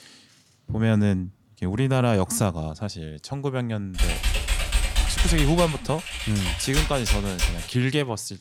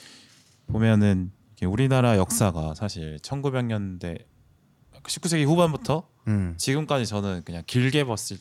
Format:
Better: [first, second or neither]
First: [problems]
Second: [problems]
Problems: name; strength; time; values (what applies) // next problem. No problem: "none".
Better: second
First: keyboard typing; loud; from 4 to 7.5 s; peak 1 dB above the speech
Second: none